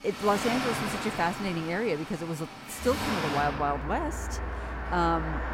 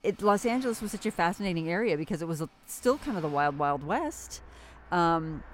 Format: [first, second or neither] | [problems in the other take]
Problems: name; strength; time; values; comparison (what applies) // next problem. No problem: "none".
second | traffic noise; loud; throughout; 4 dB below the speech; faint in the second